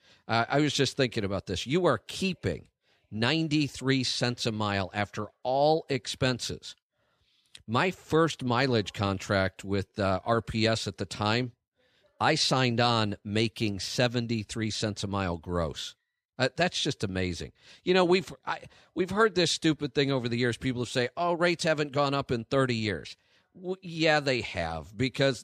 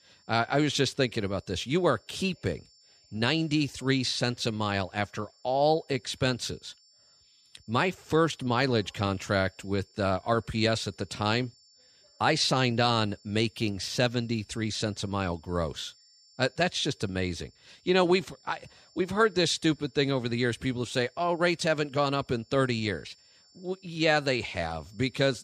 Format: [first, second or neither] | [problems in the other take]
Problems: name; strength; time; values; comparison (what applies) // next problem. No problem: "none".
first | high-pitched whine; faint; throughout; 5.5 kHz, 30 dB below the speech